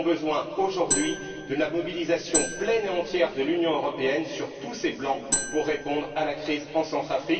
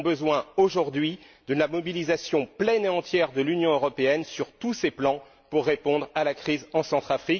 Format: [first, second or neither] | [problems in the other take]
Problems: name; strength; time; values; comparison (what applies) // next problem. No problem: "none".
second | background sound (Marimba, xylophone); 4 dB below the speech // room echo; dies away in 2.5 s